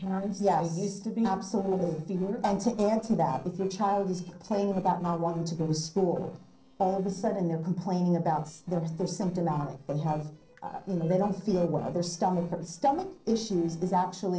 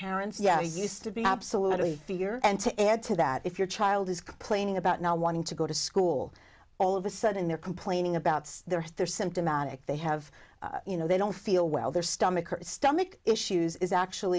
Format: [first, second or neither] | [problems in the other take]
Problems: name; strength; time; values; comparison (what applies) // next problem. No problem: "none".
second | noise reduction (neural separator model SepFormer DNS4)